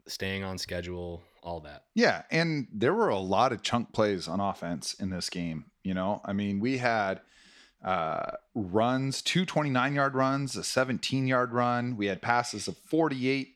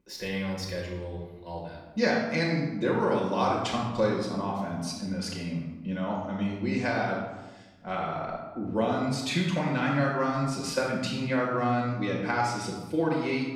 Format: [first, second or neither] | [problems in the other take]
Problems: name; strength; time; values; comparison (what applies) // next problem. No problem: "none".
first | off-mic speech; far // room echo; noticeable; dies away in 1 s